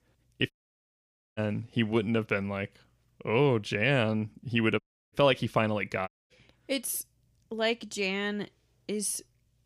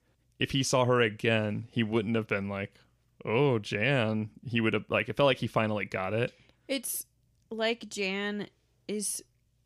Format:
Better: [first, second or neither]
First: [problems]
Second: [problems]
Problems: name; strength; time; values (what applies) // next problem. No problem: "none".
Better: second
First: audio cutting out; at 0.5 s for 1 s, at 5 s and at 6 s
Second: none